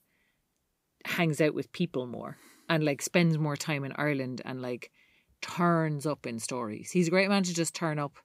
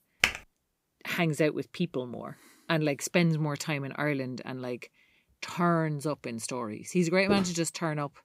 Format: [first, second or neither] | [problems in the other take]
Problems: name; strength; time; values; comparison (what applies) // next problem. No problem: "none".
first | keyboard typing; loud; at the start; peak 2 dB above the speech // footsteps; noticeable; at 7.5 s; peak 5 dB below the speech